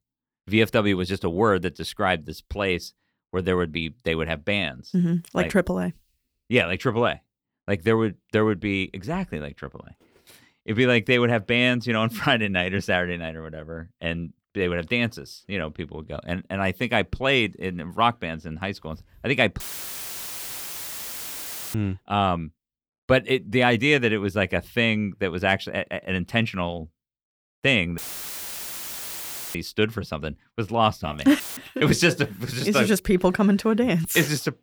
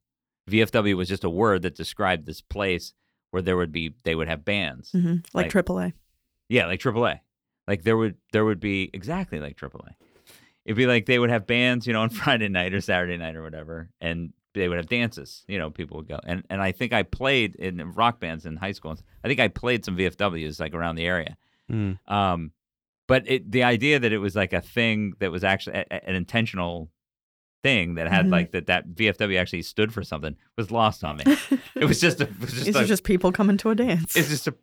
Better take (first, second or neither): second